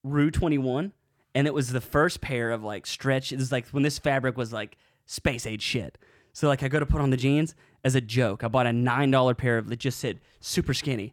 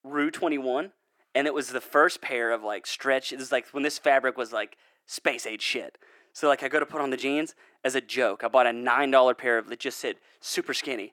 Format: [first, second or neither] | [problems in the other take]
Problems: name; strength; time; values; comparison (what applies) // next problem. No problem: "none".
first | thin; somewhat; fading below 300 Hz